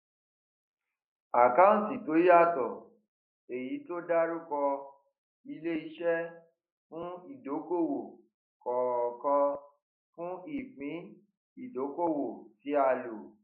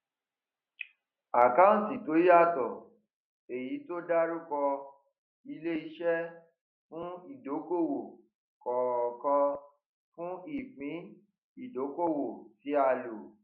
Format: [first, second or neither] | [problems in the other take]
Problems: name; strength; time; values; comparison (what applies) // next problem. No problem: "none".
second | noise reduction (neural mask model Resemble Enhance denoiser)